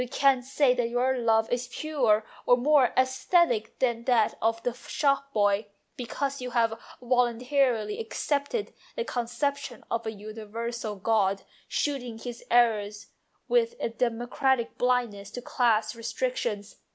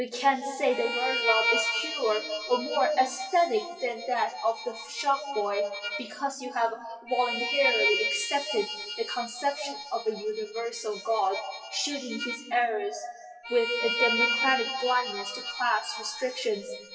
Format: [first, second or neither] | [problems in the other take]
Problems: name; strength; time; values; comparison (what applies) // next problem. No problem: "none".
first | noise reduction (classical method WPE with log-MMSE)